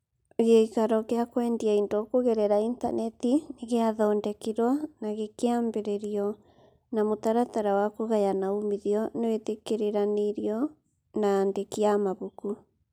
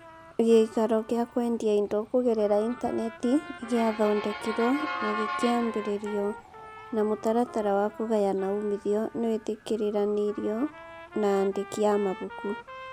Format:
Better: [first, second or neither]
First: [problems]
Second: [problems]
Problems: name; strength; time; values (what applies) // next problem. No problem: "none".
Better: first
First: none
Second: background sound (Motor vehicle (road) / Siren + Trumpet); 13 dB below the speech